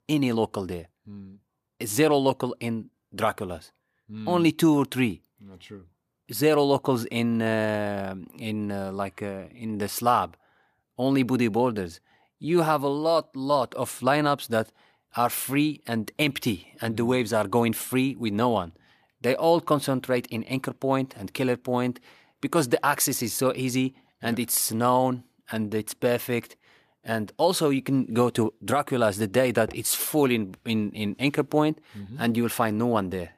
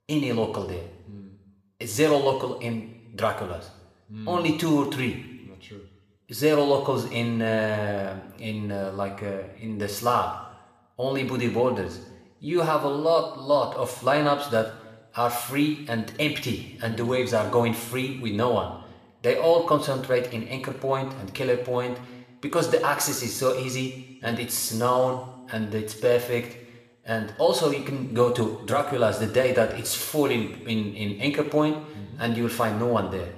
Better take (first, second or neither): first